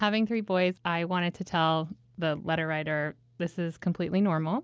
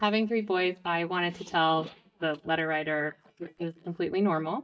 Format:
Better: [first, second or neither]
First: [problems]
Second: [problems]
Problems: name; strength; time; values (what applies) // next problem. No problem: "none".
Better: first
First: none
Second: noise reduction (neural mask model DeepFilterNet 3)